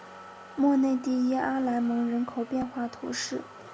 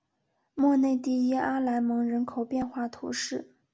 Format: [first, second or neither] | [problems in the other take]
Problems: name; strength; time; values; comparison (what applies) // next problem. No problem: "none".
second | background sound (Motor vehicle (road)); 18 dB below the speech